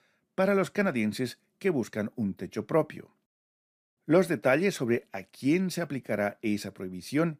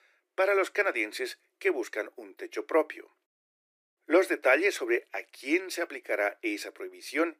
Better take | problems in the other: first | thin; very; fading below 300 Hz

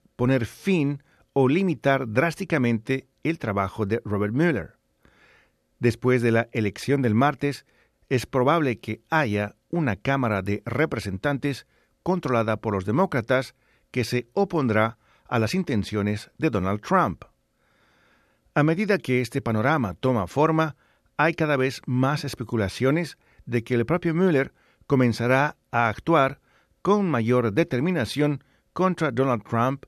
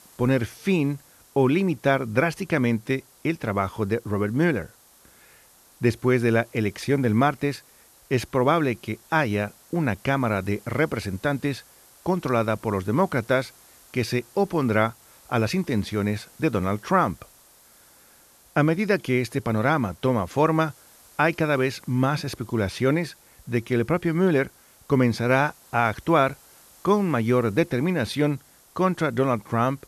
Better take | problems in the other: first | hiss; faint; throughout; 25 dB below the speech

